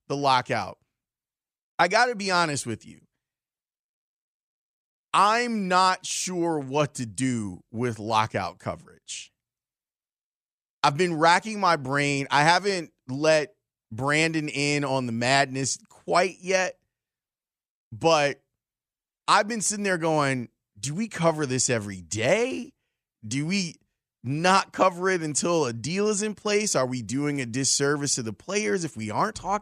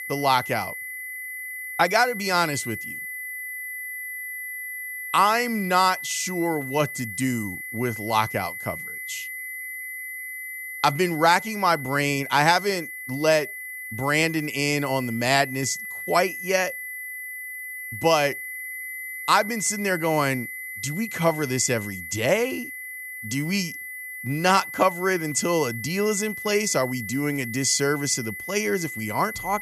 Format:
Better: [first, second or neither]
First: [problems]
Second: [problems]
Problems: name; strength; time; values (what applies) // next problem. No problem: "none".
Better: first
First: none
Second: high-pitched whine; loud; throughout; 2 kHz, 9 dB below the speech